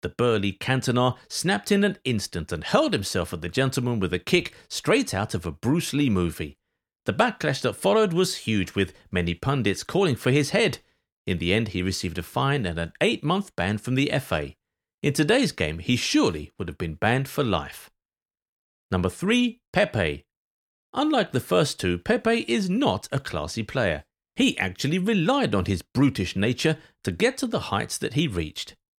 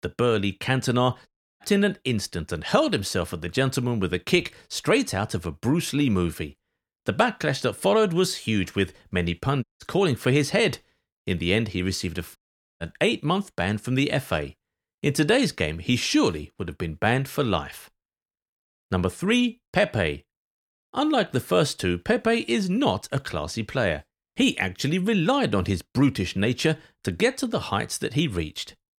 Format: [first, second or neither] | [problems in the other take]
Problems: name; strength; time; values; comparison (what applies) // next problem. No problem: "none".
first | audio cutting out; at 1.5 s, at 9.5 s and at 12 s